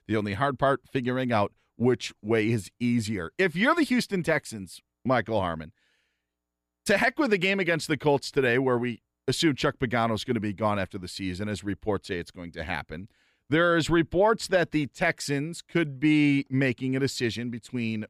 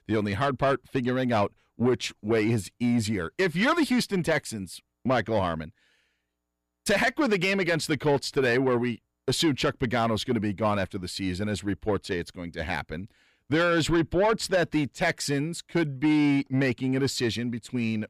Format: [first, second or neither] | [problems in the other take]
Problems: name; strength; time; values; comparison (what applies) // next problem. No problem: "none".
first | distortion; slight; 10 dB below the speech